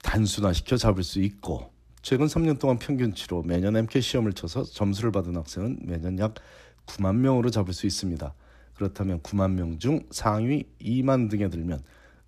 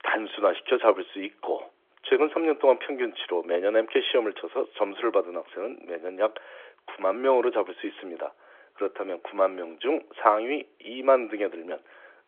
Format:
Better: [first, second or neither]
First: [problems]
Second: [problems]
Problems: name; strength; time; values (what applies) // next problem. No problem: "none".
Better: first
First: none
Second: phone-call audio; nothing above 3.5 kHz